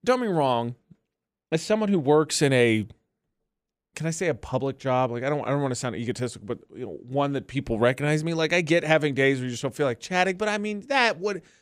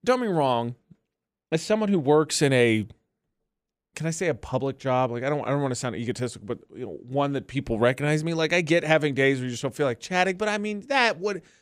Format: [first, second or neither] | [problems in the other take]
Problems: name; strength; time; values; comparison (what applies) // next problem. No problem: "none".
neither | none